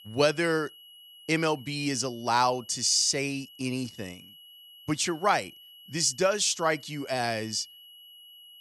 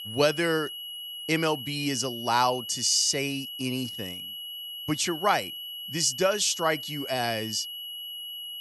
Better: first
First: high-pitched whine; faint; throughout; 3 kHz, 20 dB below the speech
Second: high-pitched whine; loud; throughout; 3 kHz, 9 dB below the speech

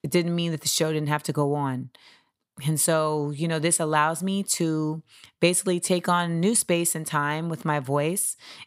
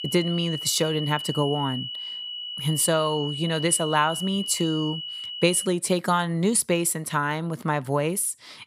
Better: first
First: none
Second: high-pitched whine; loud; until 5.5 s; 3 kHz, 7 dB below the speech

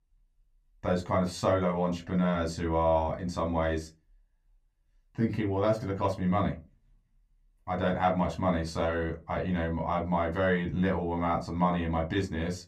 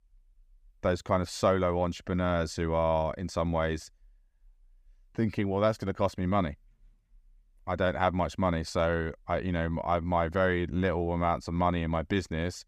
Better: second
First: off-mic speech; somewhat distant // room echo; very slight; dies away in 0.2 s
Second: none

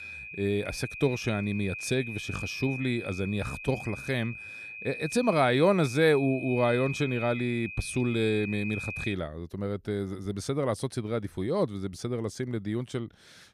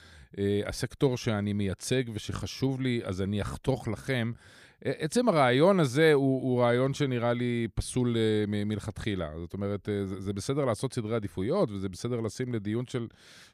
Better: second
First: high-pitched whine; loud; until 9 s; 2.5 kHz, 8 dB below the speech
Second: none

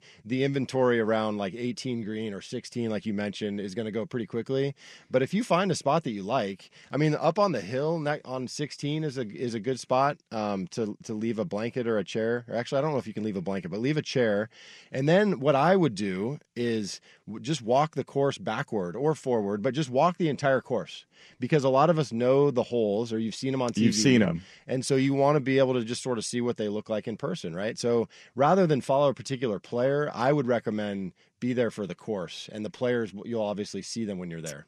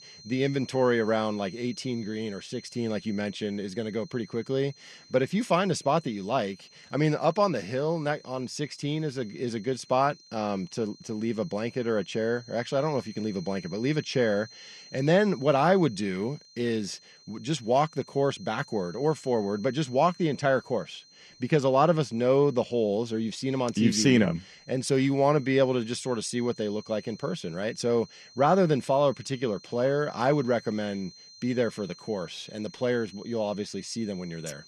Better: first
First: none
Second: high-pitched whine; faint; throughout; 4 kHz, 25 dB below the speech

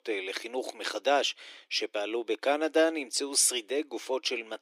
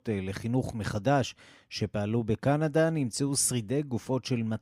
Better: second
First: thin; very; fading below 300 Hz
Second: none

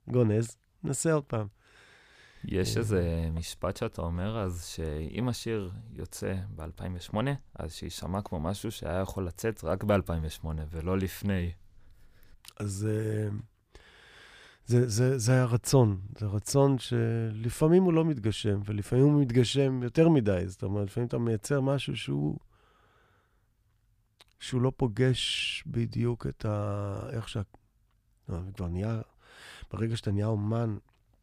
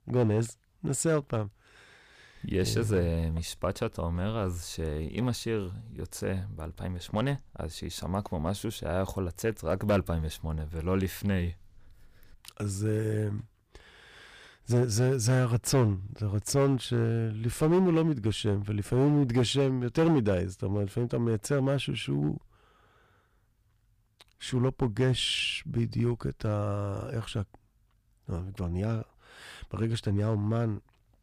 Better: first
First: none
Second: distortion; slight; 3% of the sound clipped

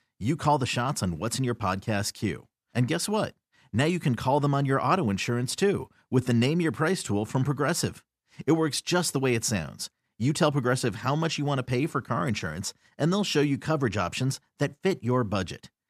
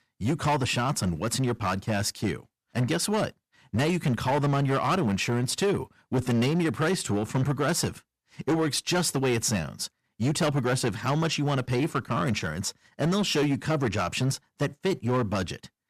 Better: first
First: none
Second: distortion; slight; 11% of the sound clipped

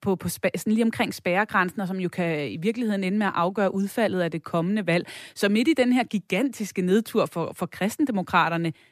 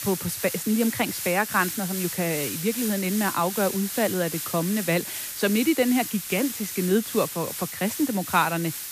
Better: first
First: none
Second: hiss; loud; throughout; 5 dB below the speech

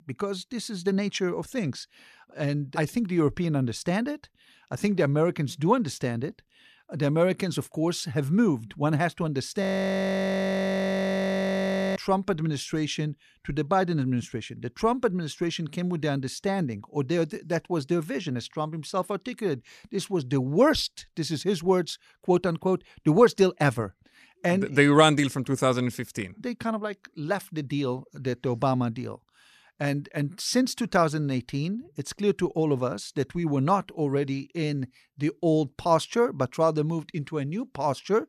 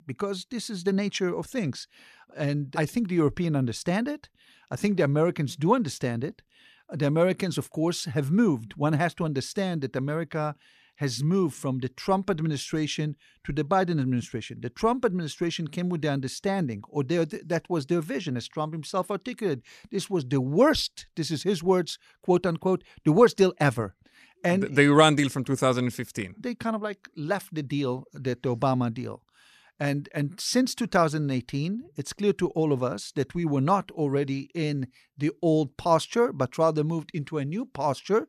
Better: second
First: audio freezing; at 9.5 s for 2.5 s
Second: none

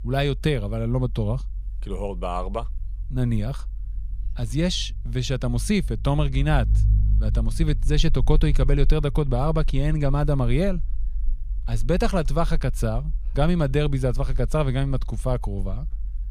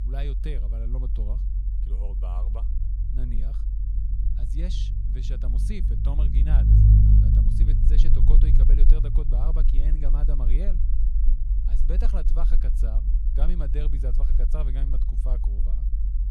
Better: first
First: low rumble; faint; throughout; 20 dB below the speech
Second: low rumble; loud; throughout; as loud as the speech

